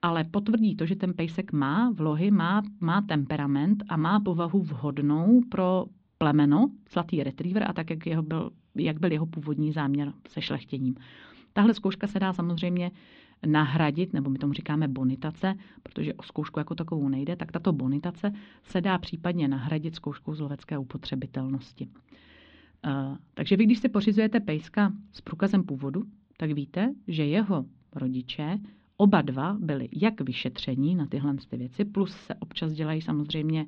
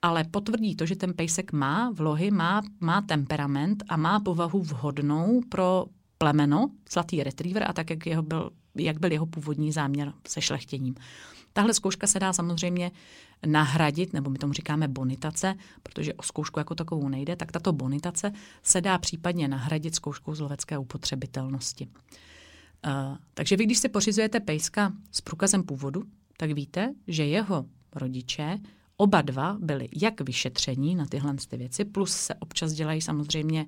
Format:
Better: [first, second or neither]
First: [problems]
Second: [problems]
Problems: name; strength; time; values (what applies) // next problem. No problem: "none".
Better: second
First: muffled; very; fading above 3.5 kHz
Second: none